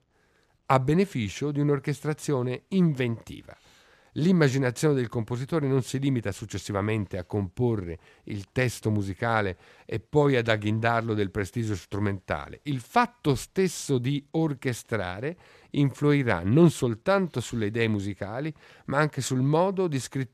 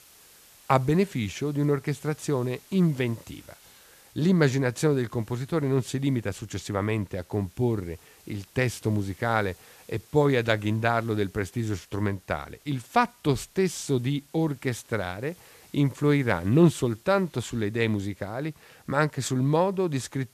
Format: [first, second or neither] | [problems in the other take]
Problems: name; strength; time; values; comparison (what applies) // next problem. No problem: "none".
first | hiss; faint; throughout; 25 dB below the speech